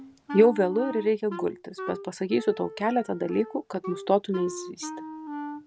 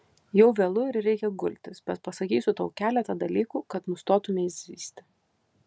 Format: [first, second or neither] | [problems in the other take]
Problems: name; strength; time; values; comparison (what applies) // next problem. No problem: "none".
second | background sound (Wind instrument, woodwind instrument); 12 dB below the speech